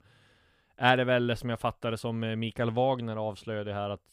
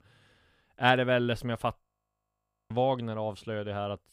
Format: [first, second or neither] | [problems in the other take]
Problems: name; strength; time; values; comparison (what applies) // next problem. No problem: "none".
first | audio freezing; at 2 s for 1 s